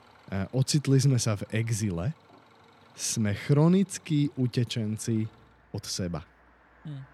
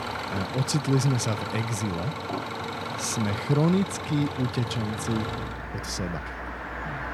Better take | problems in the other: first | traffic noise; loud; throughout; 5 dB below the speech; faint in the first

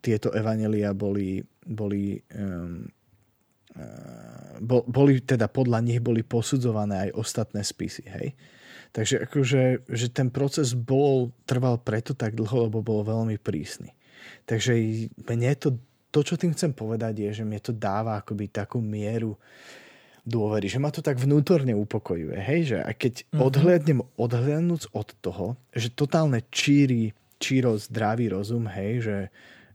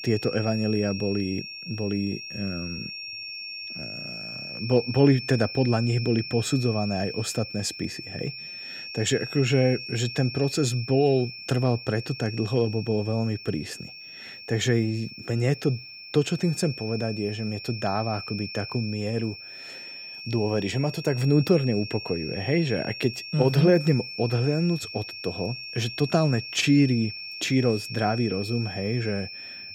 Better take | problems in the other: first | high-pitched whine; loud; throughout; 5.5 kHz, 10 dB below the speech

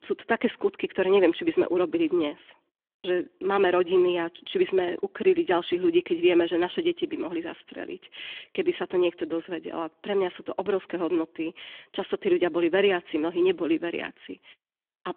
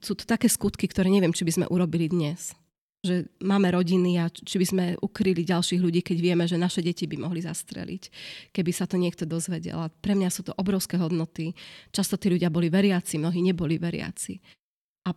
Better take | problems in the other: second | phone-call audio; nothing above 3.5 kHz

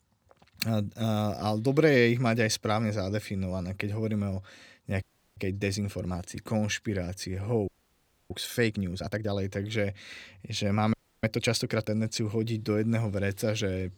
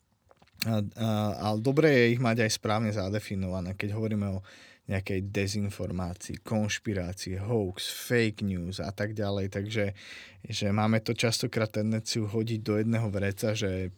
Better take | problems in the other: second | audio freezing; at 5 s, at 7.5 s for 0.5 s and at 11 s

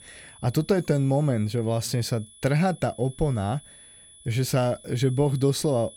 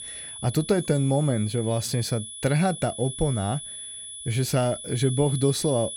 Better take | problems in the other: first | high-pitched whine; loud; throughout; 10 kHz, 10 dB below the speech; faint in the first

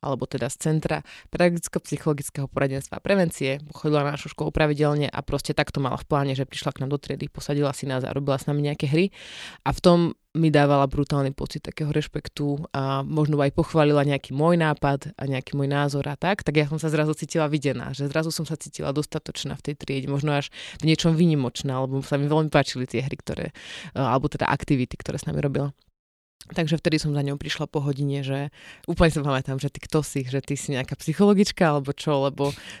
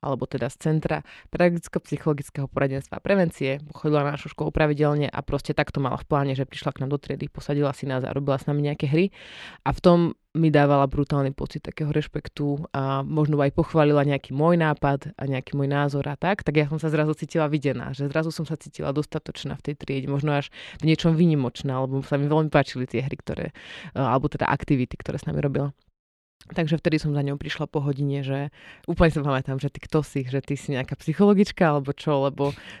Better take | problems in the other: first | muffled; very slightly; fading above 4 kHz

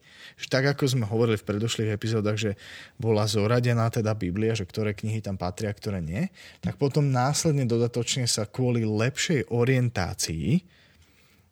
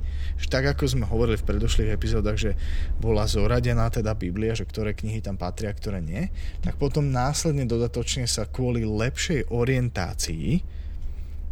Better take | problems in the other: first | low rumble; faint; throughout; 25 dB below the speech

